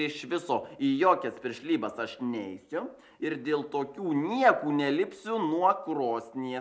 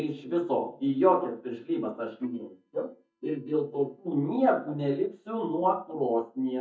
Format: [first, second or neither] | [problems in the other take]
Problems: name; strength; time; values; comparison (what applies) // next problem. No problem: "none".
first | noise reduction (neural mask model DeepFilterNet 3)